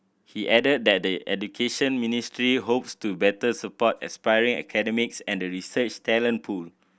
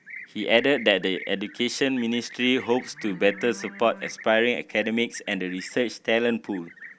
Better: first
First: none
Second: background sound (Livestock, farm animals, working animals); 18 dB below the speech

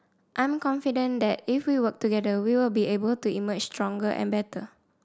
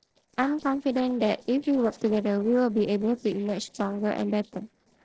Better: first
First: none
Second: noise reduction (neural separator model SepFormer DNS4)

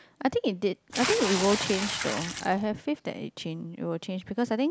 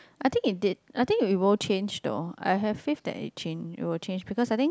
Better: second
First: background sound (Water / Splash, splatter); 3 dB below the speech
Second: none

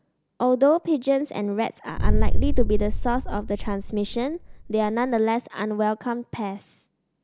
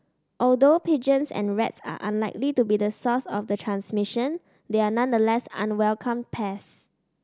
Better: second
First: background sound (Boom); 4 dB above the speech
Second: none

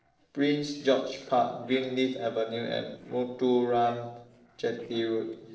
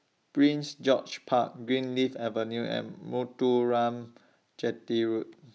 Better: second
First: noise reduction (neural separator model SepFormer DNS4)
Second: none

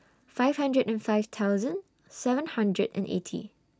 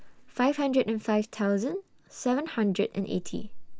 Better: first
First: none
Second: background sound (Chewing, mastication); 13 dB below the speech

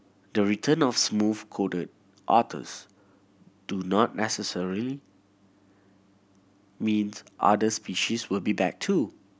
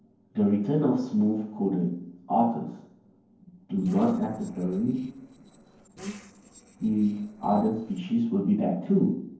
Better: first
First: none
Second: noise reduction (neural separator model SepFormer DNS4)

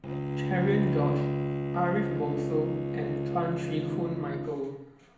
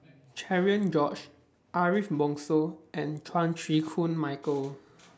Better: second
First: background sound (Bowed string instrument); 1 dB above the speech // room echo; dies away in 0.8 s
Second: none

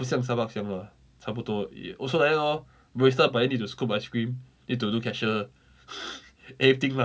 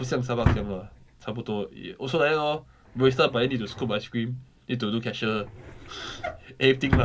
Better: first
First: none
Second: background sound (Drawer open or close); 6 dB below the speech

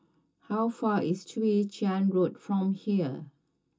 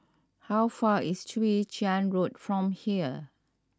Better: second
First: room echo; dies away in 0.2 s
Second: none

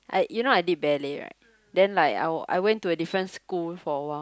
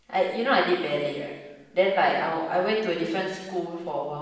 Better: first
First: none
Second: room echo; dies away in 1.1 s

